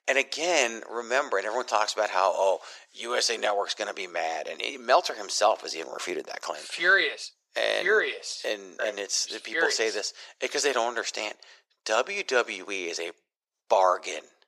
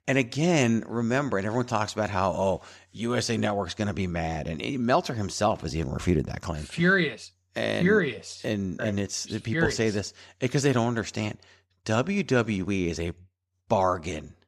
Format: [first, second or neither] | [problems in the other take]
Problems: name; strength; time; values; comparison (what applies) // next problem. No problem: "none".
second | thin; very; fading below 450 Hz